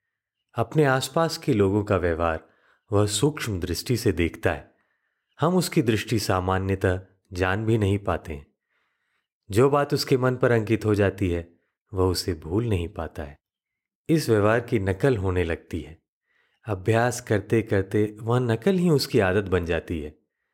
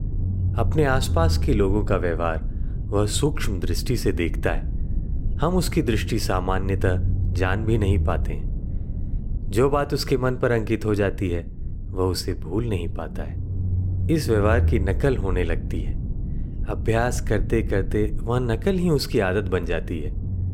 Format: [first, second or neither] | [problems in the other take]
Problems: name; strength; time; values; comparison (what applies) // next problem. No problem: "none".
first | low rumble; noticeable; throughout; 15 dB below the speech